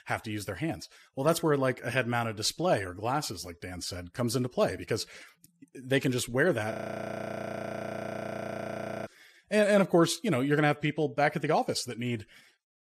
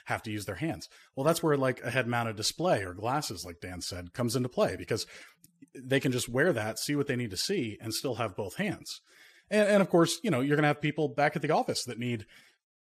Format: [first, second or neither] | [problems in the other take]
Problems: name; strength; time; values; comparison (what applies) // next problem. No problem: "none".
second | audio freezing; at 6.5 s for 2.5 s